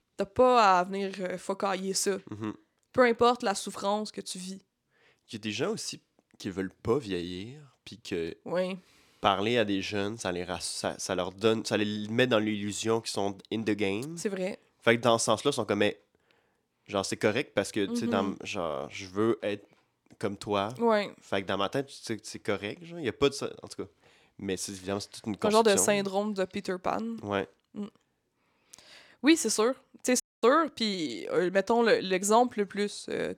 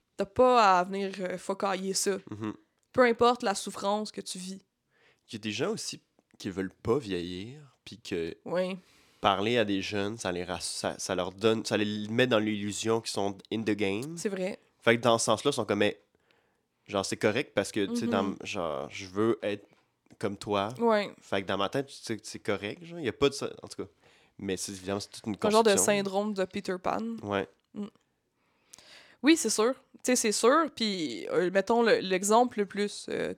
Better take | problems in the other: second | audio cutting out; at 30 s

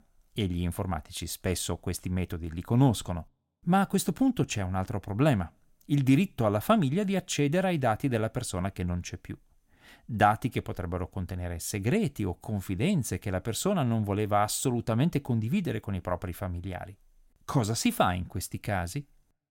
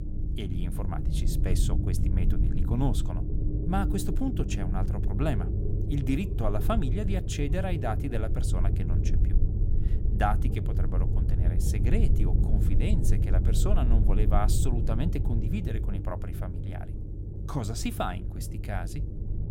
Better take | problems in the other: first | low rumble; loud; throughout; 6 dB below the speech

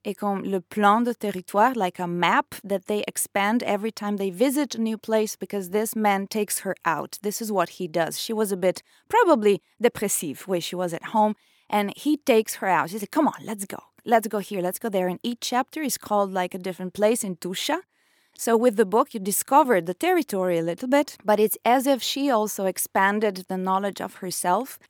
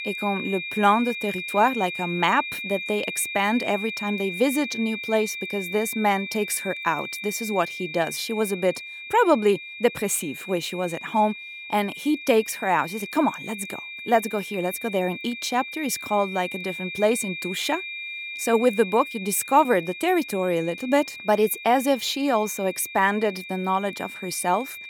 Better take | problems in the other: first | high-pitched whine; loud; throughout; 2.5 kHz, 8 dB below the speech

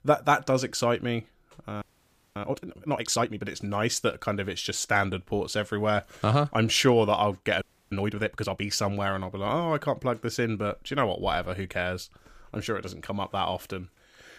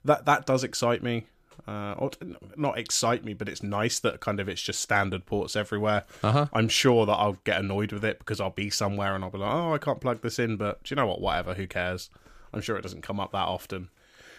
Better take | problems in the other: second | audio freezing; at 2 s for 0.5 s and at 7.5 s

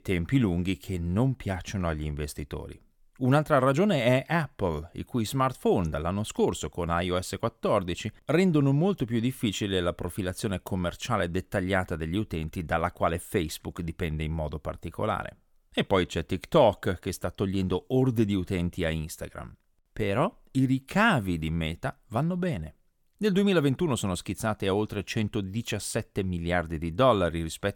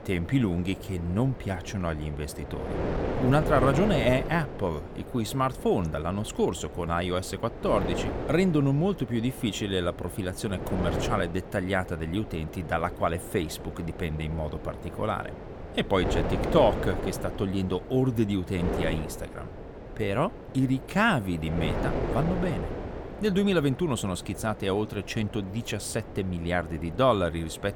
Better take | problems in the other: first | wind noise on the microphone; heavy; 8 dB below the speech

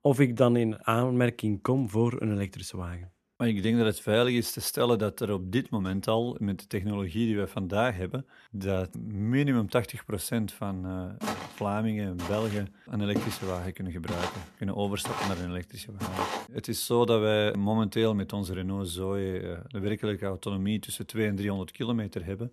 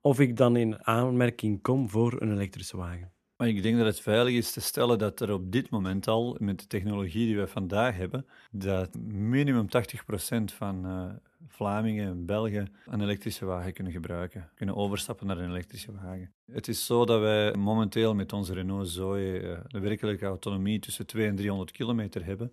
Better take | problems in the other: second | footsteps; noticeable; from 11 to 16 s; peak 3 dB below the speech

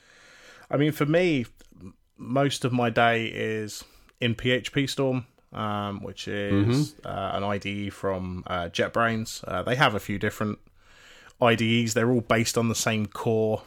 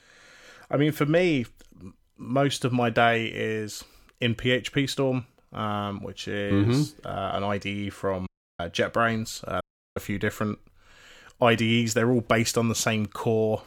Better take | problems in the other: first | audio cutting out; at 8.5 s and at 9.5 s

